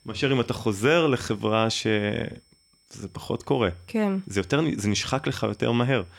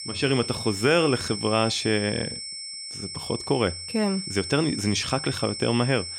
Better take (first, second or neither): first